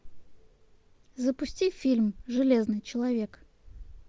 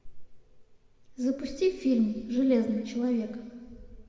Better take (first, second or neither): first